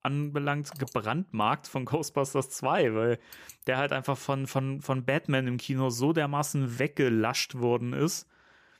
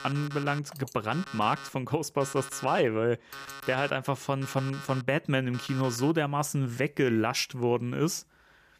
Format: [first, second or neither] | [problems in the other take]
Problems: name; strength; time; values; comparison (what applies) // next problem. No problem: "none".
first | alarms or sirens; noticeable; throughout; 15 dB below the speech